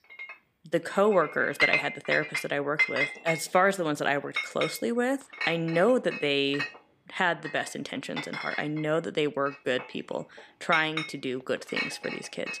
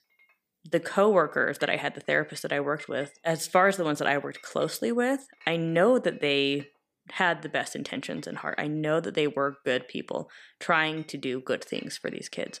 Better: second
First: household noises; loud; throughout; 3 dB below the speech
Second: household noises; faint; throughout; 25 dB below the speech

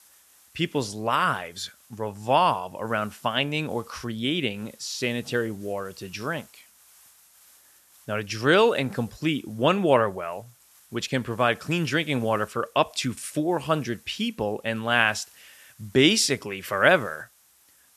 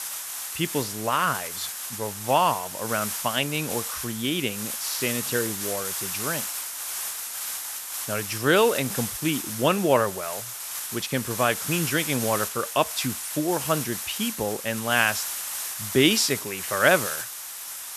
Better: first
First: hiss; faint; throughout; 30 dB below the speech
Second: hiss; loud; throughout; 4 dB below the speech

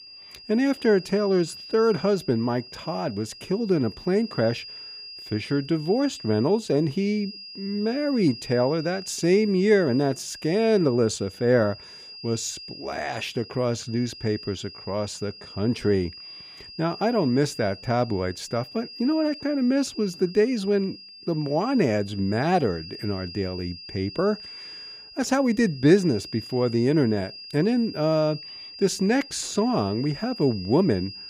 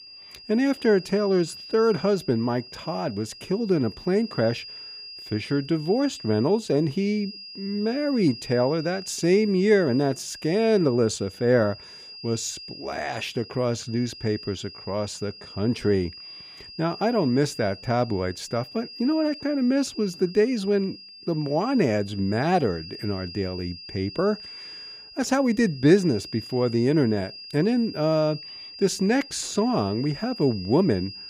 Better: neither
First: high-pitched whine; noticeable; throughout; 5 kHz, 15 dB below the speech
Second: high-pitched whine; noticeable; throughout; 5 kHz, 15 dB below the speech

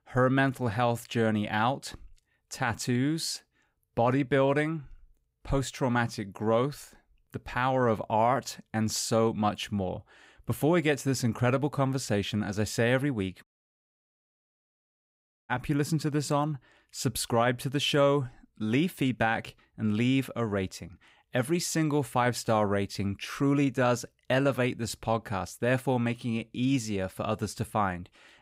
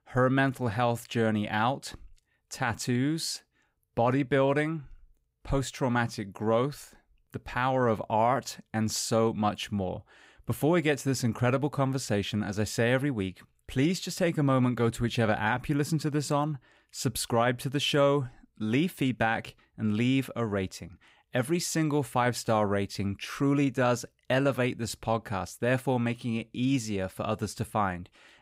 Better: second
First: audio cutting out; at 13 s for 2 s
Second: none

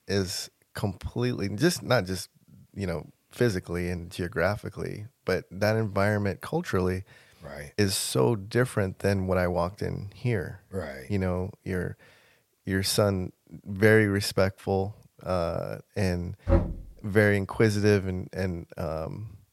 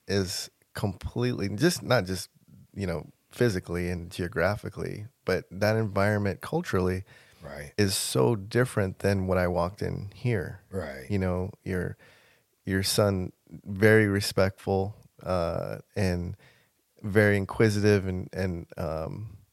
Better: second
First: door banging; loud; at 16 s; peak 1 dB above the speech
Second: none

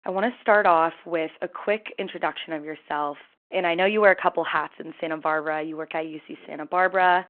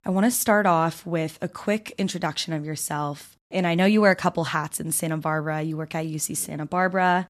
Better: second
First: phone-call audio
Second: none

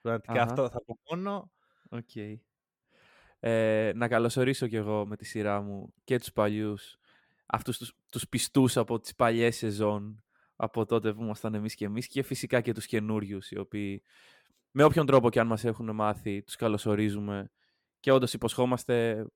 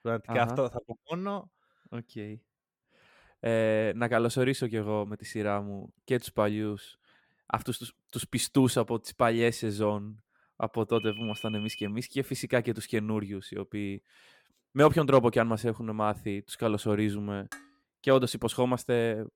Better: first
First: none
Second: phone ringing; noticeable; at 11 s; peak 10 dB below the speech // clattering dishes; faint; at 18 s; peak 15 dB below the speech

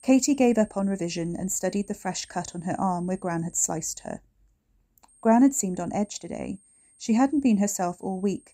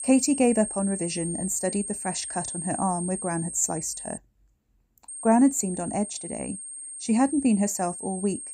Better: first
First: high-pitched whine; faint; until 4 s and from 5 s on; 8.5 kHz, 30 dB below the speech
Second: high-pitched whine; loud; until 4 s and from 5 s on; 8.5 kHz, 8 dB below the speech

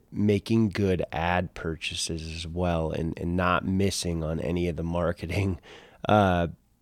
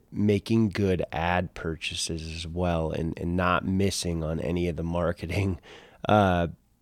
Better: neither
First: none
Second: none

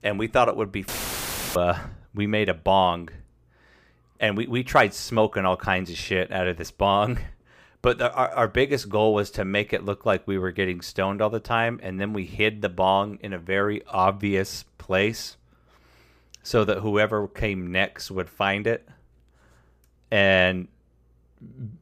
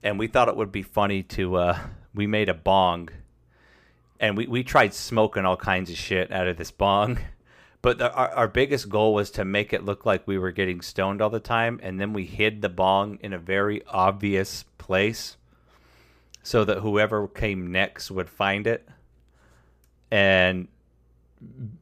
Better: second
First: audio cutting out; filled with static; at 1 s for 0.5 s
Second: none

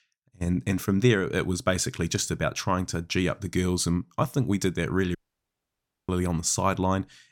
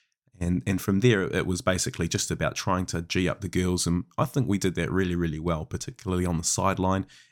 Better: second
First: audio cutting out; at 5 s for 1 s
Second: none

